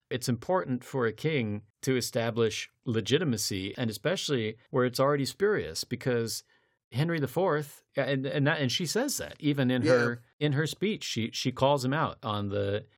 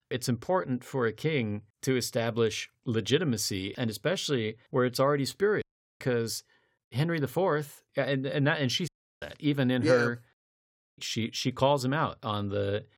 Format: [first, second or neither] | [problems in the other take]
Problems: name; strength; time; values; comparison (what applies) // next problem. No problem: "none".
first | audio cutting out; at 5.5 s, at 9 s and at 10 s for 0.5 s